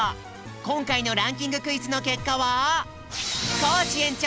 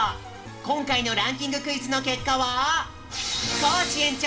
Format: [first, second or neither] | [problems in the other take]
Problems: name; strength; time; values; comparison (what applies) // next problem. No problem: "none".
first | room echo; dies away in 1.7 s